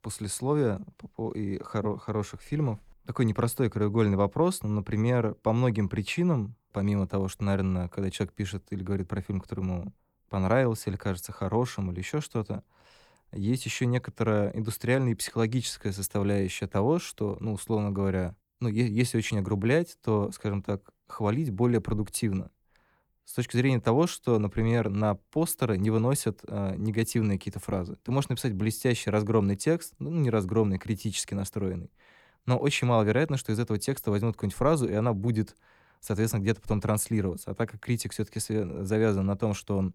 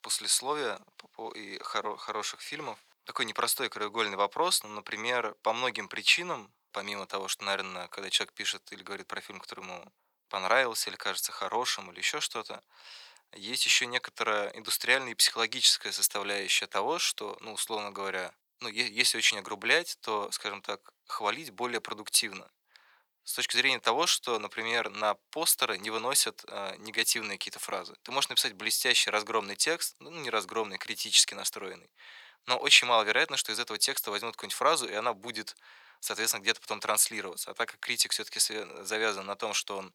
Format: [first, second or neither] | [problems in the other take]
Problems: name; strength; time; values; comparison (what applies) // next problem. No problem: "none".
first | thin; very; fading below 900 Hz